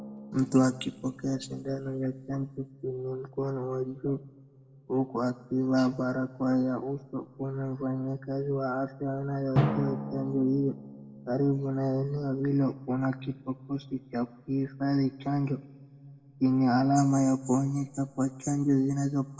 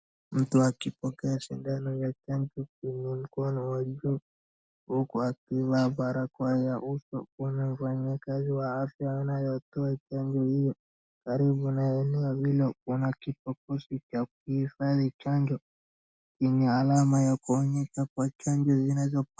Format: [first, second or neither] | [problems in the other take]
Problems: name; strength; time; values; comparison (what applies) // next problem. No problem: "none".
second | background sound (Drum); 12 dB below the speech // room echo; dies away in 1 s